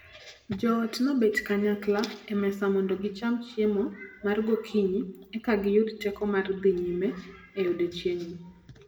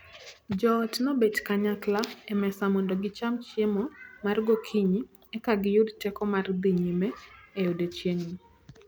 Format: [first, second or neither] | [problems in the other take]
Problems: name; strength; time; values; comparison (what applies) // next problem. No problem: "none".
second | room echo; dies away in 0.7 s